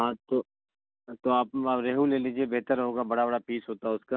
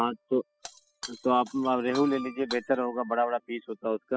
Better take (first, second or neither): first